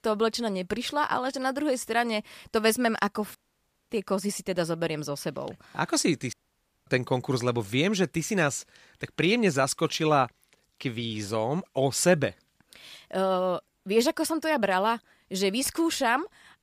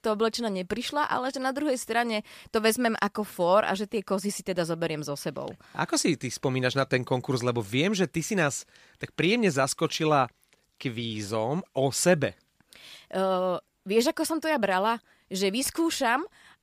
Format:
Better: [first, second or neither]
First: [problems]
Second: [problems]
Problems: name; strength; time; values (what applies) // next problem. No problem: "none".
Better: second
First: audio cutting out; at 3.5 s for 0.5 s and at 6.5 s for 0.5 s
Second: none